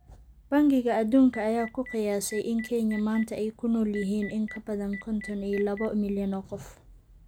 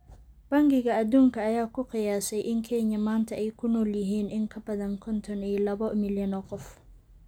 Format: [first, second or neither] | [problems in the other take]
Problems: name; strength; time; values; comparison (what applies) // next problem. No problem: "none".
second | background sound (Telephone); 18 dB below the speech